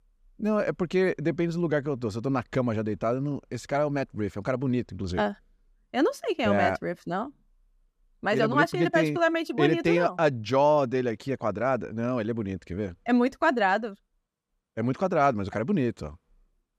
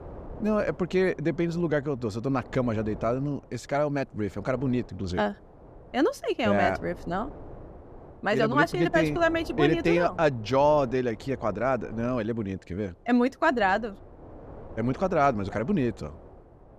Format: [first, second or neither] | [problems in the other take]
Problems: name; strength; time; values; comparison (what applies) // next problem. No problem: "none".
first | wind noise on the microphone; occasional gusts; 20 dB below the speech